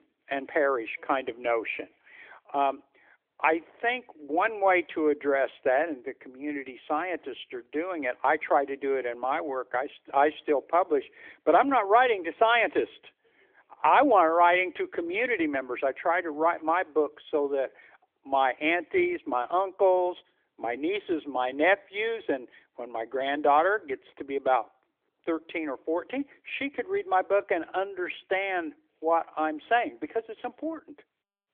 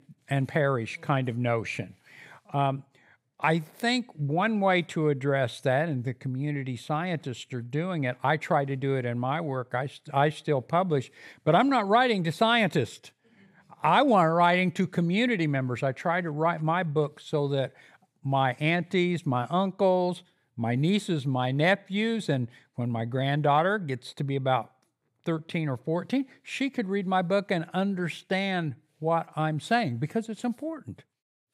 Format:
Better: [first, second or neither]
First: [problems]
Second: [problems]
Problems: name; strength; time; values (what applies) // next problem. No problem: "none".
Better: second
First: phone-call audio; nothing above 3.5 kHz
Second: none